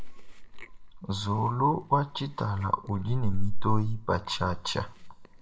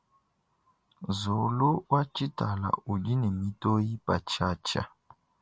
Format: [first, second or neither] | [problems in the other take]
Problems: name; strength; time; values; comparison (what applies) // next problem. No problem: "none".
second | background sound (Chewing, mastication); as loud as the speech // room echo; dies away in 0.3 s